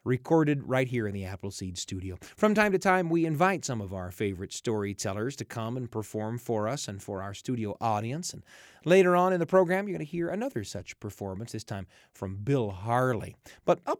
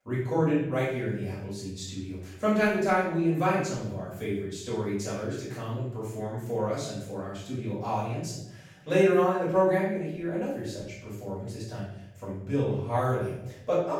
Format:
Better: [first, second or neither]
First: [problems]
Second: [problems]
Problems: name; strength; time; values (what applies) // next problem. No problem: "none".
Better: first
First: none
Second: off-mic speech; far // room echo; noticeable; dies away in 0.7 s